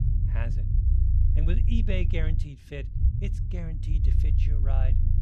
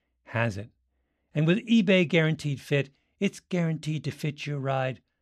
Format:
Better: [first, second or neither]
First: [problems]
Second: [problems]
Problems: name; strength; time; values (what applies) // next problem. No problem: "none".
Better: second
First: low rumble; loud; throughout; 3 dB below the speech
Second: none